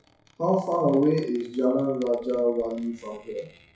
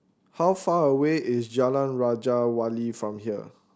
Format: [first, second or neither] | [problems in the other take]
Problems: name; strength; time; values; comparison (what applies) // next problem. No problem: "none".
second | noise reduction (classical method WPE with log-MMSE)